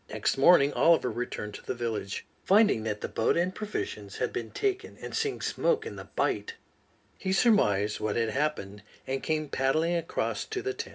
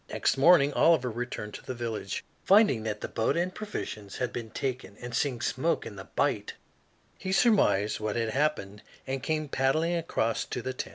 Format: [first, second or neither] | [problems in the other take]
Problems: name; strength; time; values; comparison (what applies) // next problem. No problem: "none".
second | room echo; dies away in 0.3 s